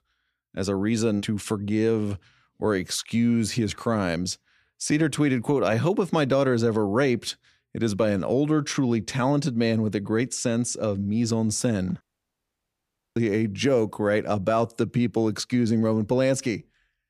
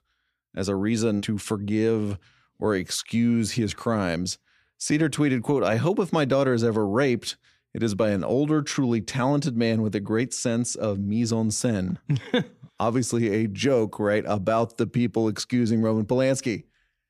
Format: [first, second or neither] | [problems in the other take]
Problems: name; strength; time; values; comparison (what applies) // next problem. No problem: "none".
second | audio cutting out; at 12 s for 1 s